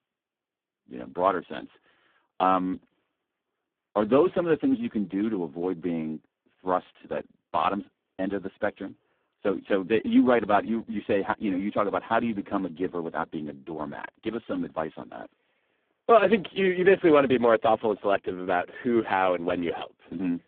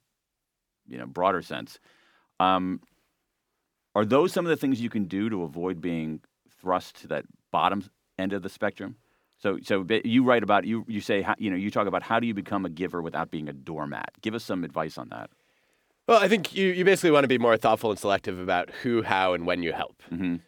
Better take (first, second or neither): second